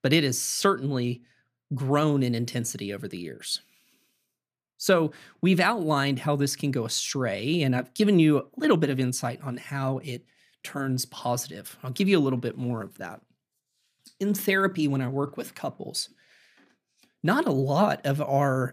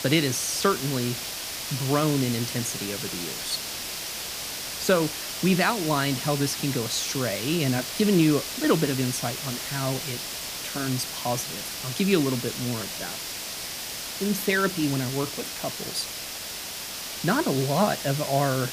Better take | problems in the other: first | hiss; loud; throughout; 5 dB below the speech

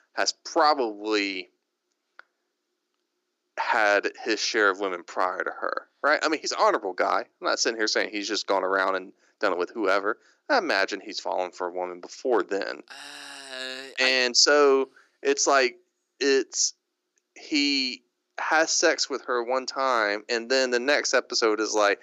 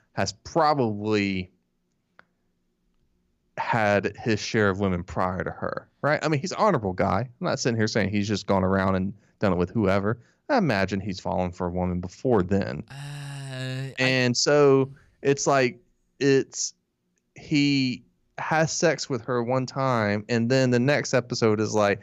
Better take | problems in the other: second | thin; somewhat; fading below 300 Hz

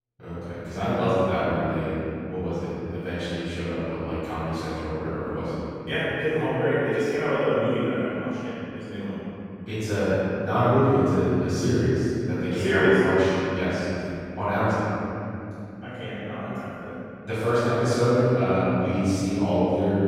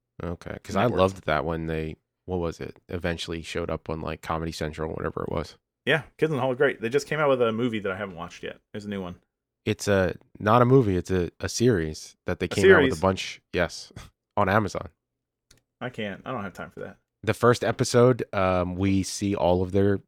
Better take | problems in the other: second | off-mic speech; far // room echo; strong; dies away in 3 s

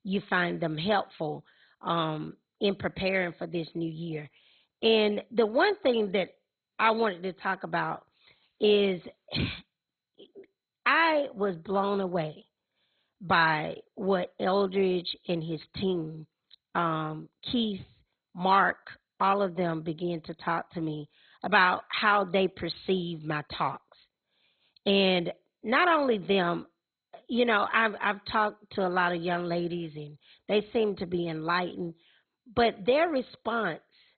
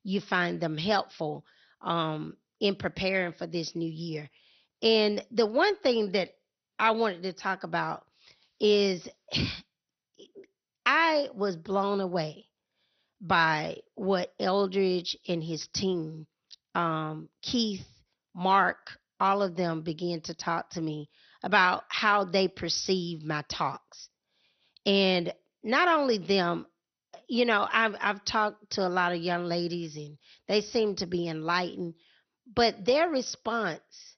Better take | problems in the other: second | garbled, watery; badly; nothing above 4 kHz; slightly in the second

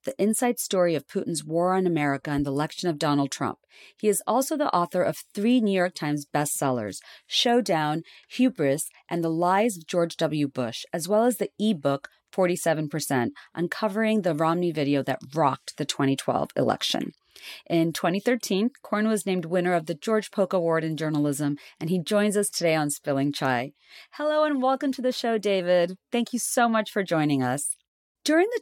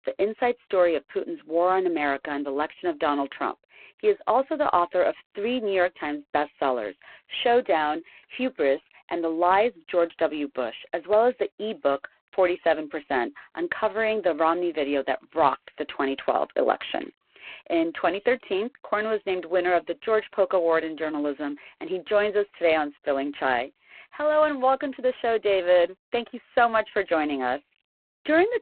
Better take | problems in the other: first | phone-call audio; poor line

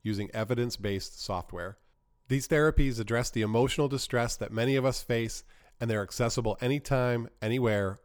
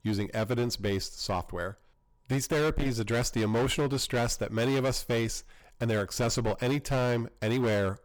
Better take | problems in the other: first | distortion; heavy; 16% of the sound clipped

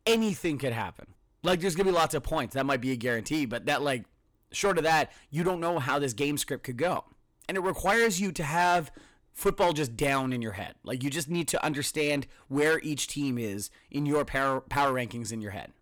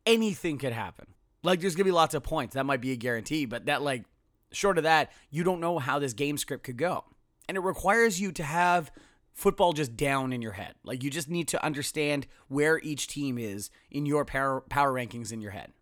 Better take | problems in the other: second | distortion; slight; 6% of the sound clipped

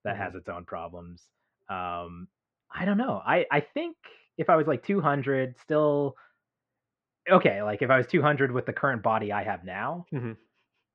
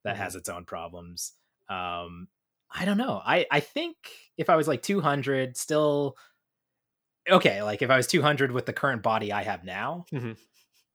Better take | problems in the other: second | muffled; very; fading above 2 kHz

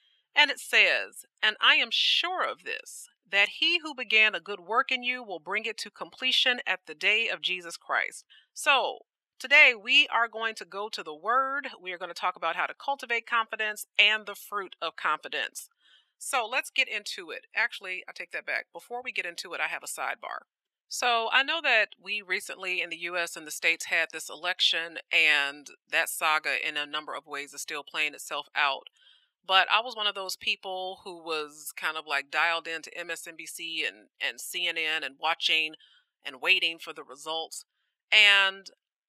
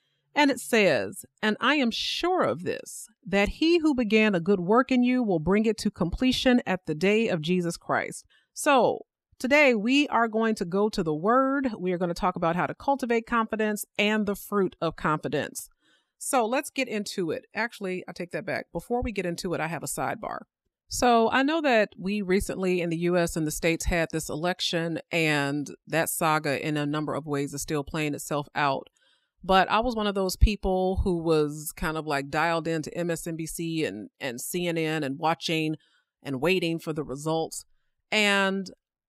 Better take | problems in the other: second | thin; very; fading below 650 Hz

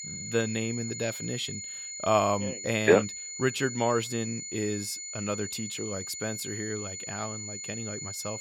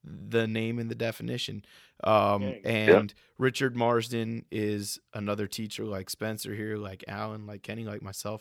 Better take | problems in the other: second | high-pitched whine; loud; throughout; 7 kHz, 6 dB below the speech

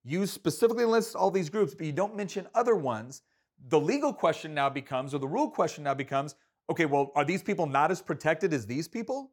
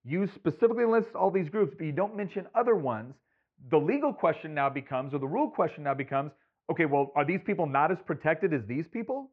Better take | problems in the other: first | muffled; very; fading above 2.5 kHz

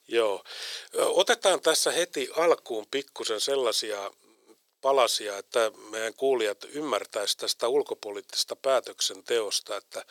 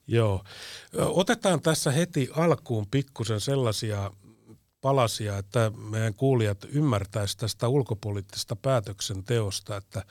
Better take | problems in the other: second | thin; very; fading below 400 Hz

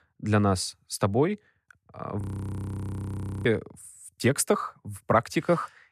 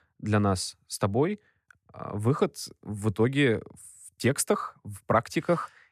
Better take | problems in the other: second | audio freezing; at 2 s for 1 s

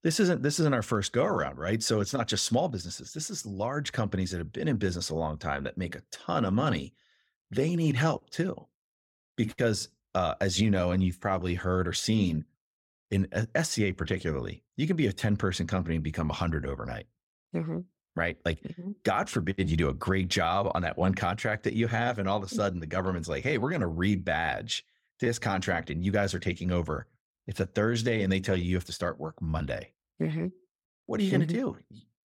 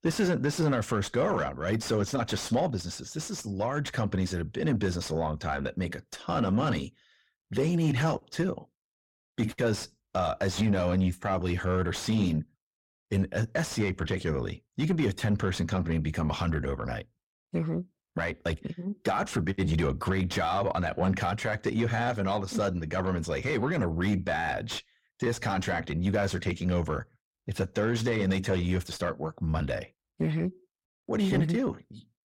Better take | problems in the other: first | distortion; slight; 10 dB below the speech

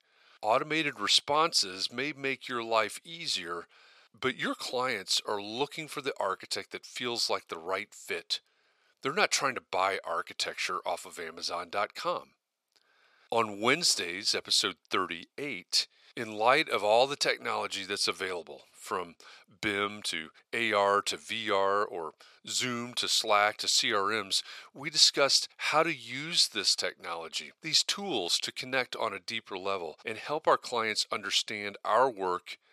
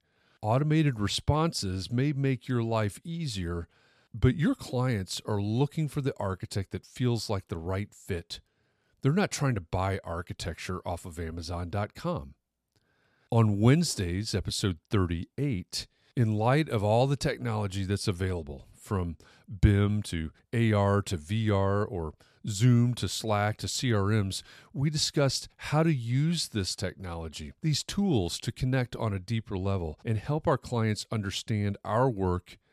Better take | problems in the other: second | thin; very; fading below 550 Hz

